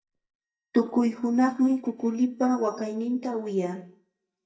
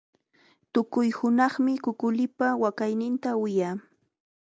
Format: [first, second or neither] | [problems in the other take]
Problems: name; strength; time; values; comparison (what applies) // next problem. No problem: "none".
second | noise reduction (neural mask model DeepFilterNet 3)